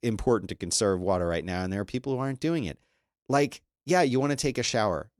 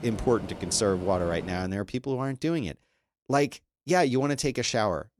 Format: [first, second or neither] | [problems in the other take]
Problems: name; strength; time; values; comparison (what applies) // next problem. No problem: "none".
first | rain or running water; very faint; until 1.5 s; 15 dB below the speech